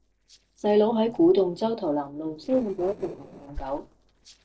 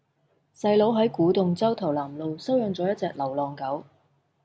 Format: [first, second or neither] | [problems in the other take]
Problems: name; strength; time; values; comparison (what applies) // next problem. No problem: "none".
second | noise reduction (neural separator model SepFormer DNS4)